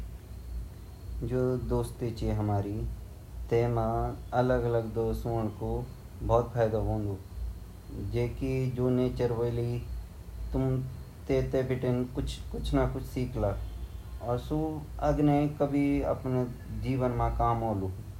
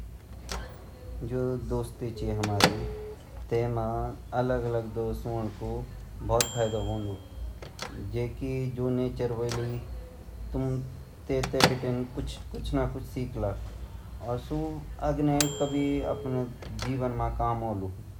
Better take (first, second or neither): first